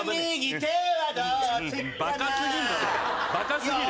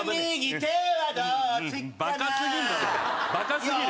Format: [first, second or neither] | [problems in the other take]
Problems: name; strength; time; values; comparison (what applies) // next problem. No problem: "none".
second | background sound (Breathing); 15 dB below the speech